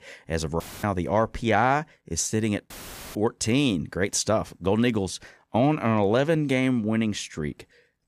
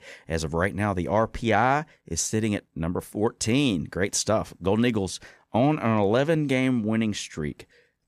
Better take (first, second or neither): second